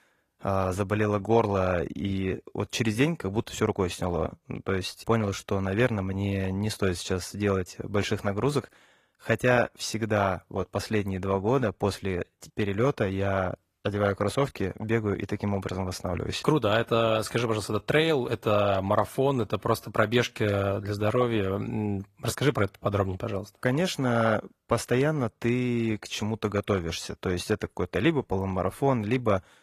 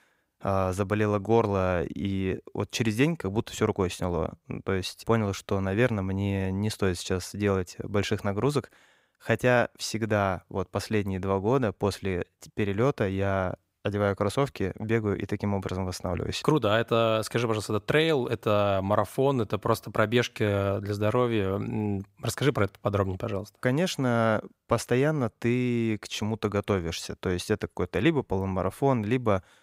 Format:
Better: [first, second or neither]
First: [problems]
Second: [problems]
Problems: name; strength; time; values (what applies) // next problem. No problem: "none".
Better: second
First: garbled, watery; slightly; nothing above 14.5 kHz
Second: none